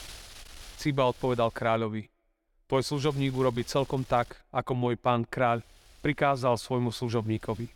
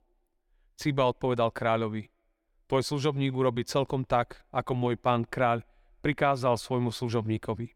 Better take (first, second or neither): second